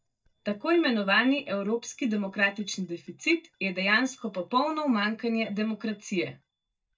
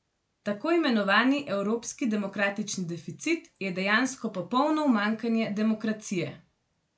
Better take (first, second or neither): second